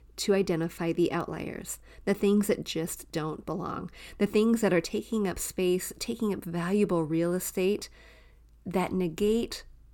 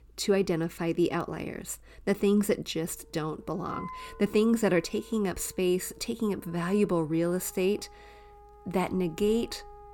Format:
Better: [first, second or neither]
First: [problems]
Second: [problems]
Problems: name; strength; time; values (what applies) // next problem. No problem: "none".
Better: first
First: none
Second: background music; faint; from 3 s on; 20 dB below the speech